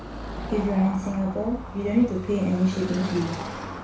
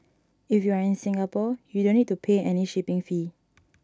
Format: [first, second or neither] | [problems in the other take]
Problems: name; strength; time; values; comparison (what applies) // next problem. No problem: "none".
second | background sound (Car passing by / Traffic noise, roadway noise); 8 dB below the speech // room echo; dies away in 0.3 s